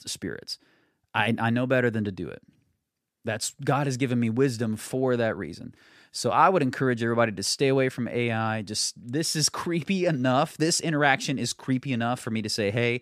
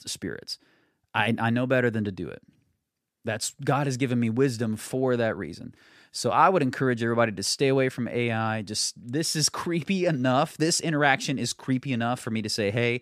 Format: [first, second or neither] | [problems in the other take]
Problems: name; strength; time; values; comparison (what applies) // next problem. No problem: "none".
neither | none